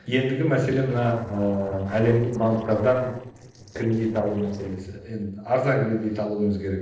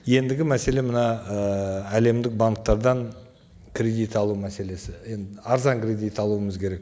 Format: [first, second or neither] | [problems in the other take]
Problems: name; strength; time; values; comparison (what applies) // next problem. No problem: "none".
second | noise reduction (neural separator model SepFormer DNS4)